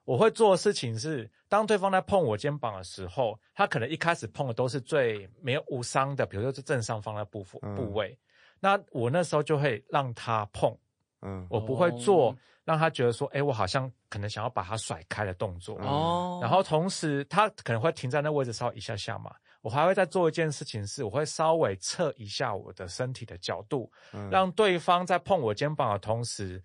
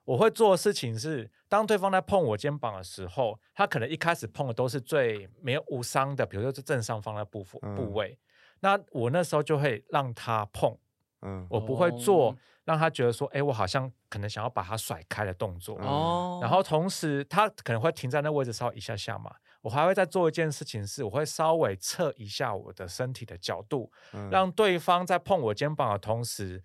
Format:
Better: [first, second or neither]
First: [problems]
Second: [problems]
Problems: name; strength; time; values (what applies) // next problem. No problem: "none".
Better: second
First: garbled, watery; slightly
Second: none